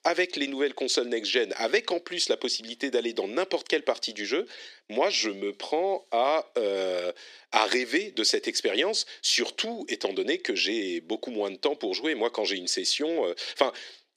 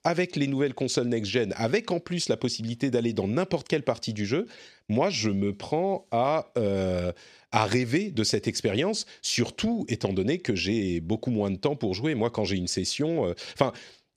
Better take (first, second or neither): second